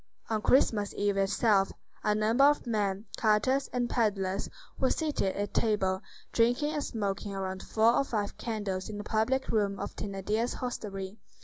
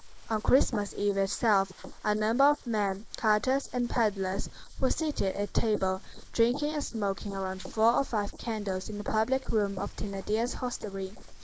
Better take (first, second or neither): first